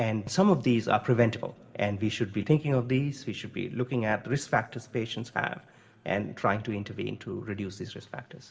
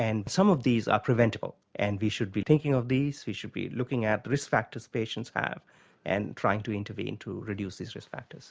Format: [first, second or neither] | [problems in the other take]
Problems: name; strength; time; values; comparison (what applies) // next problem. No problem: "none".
second | room echo; dies away in 2.3 s